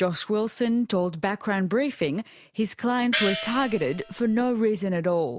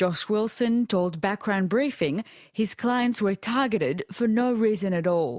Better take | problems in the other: second | background sound (Gong); 7 dB below the speech

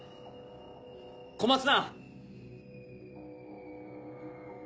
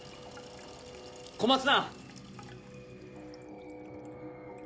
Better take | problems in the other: first | background sound (Sink (filling or washing)); 19 dB below the speech

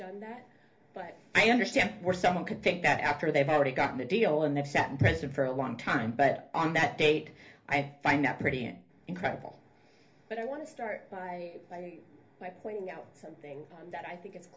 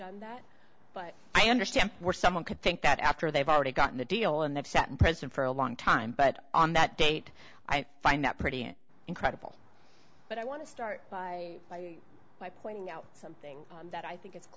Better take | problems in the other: second | room echo; dies away in 0.3 s

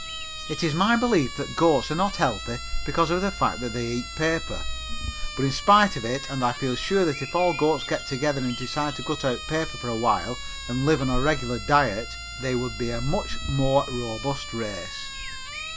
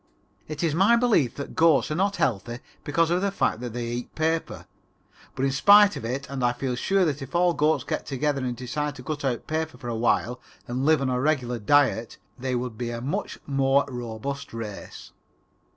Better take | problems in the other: second | background sound (Siren + Bird vocalization, bird call, bird song); 7 dB below the speech

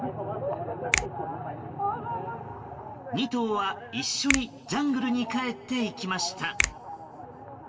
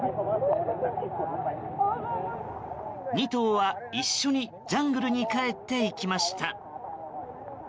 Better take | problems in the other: second | background sound (Finger snapping); 3 dB below the speech // room echo; dies away in 1.3 s

